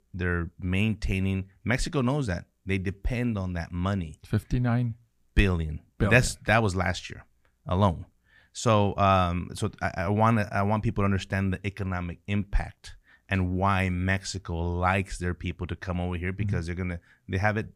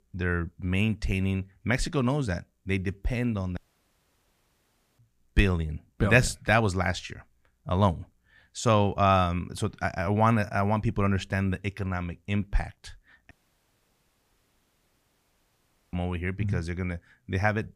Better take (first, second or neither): first